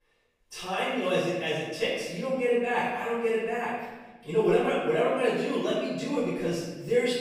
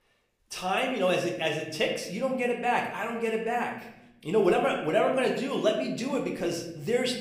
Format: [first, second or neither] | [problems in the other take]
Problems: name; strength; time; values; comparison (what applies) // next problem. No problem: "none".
second | room echo; strong; dies away in 1.1 s; slight in the second // off-mic speech; far; somewhat distant in the second